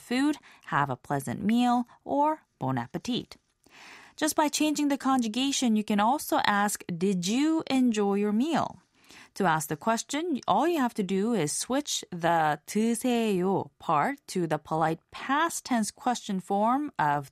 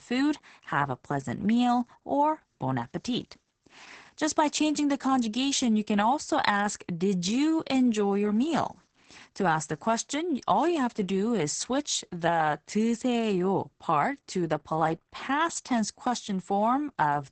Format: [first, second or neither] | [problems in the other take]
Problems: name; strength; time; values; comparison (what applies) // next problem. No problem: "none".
first | garbled, watery; badly; nothing above 8 kHz